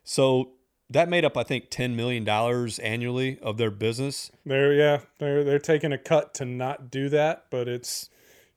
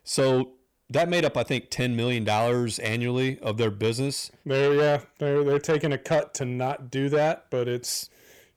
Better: first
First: none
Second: distortion; slight; 10 dB below the speech

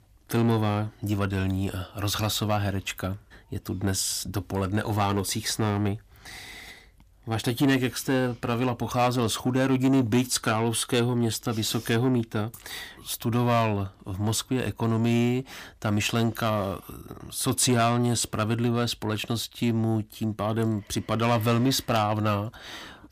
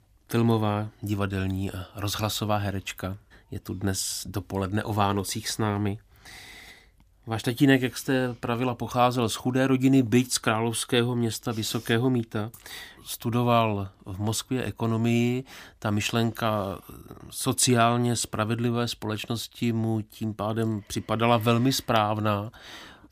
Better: second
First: distortion; slight; 10 dB below the speech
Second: none

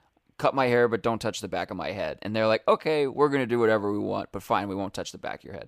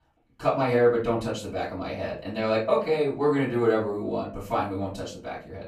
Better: first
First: none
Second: off-mic speech; far // room echo; slight; dies away in 0.3 s

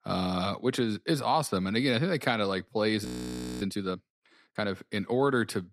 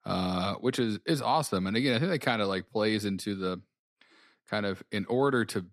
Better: second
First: audio freezing; at 3 s for 0.5 s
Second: none

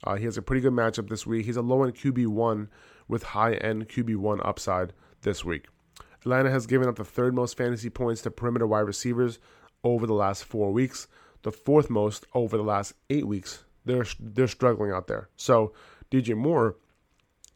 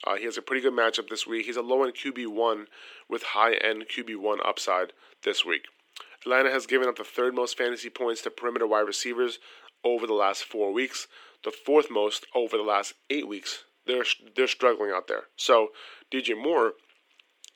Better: first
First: none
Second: thin; somewhat; fading below 300 Hz

